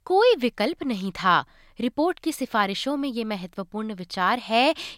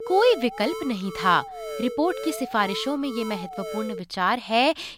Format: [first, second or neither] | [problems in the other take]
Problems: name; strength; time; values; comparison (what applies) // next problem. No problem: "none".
first | alarm; noticeable; until 4 s; peak 8 dB below the speech